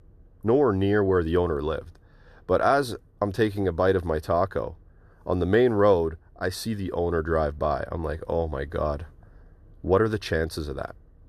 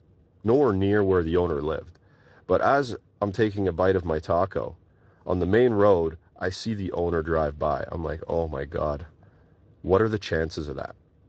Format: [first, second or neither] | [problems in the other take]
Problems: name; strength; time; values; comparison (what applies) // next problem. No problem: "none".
first | garbled, watery; slightly; nothing above 8 kHz